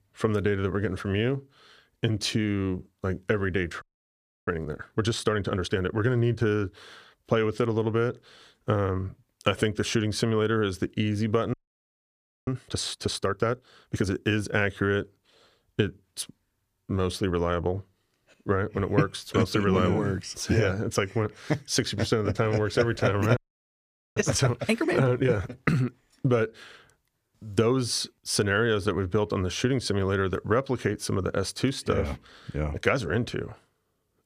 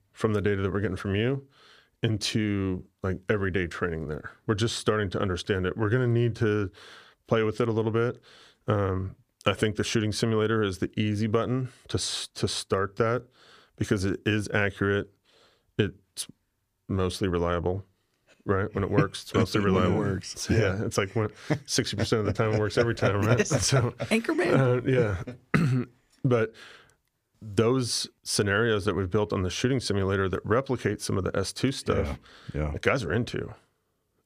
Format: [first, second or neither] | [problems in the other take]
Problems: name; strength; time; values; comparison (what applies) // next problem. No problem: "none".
second | audio freezing; at 4 s for 0.5 s, at 12 s for 1 s and at 23 s for 1 s